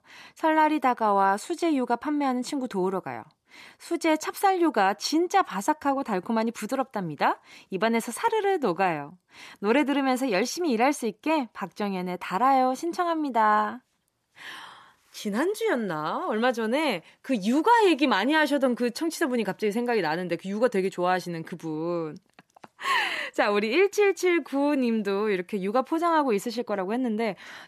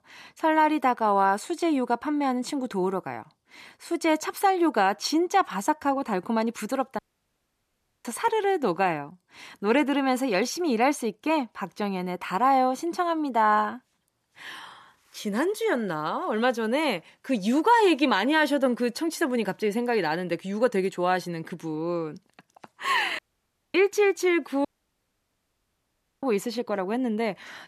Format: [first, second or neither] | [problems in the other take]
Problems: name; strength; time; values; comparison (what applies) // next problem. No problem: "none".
first | audio cutting out; at 7 s for 1 s, at 23 s for 0.5 s and at 25 s for 1.5 s